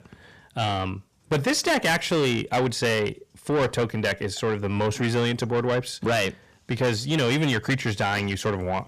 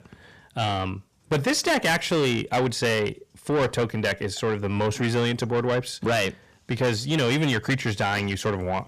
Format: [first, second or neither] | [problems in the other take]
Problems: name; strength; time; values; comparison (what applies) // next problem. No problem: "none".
neither | distortion; heavy; 5 dB below the speech; the same in both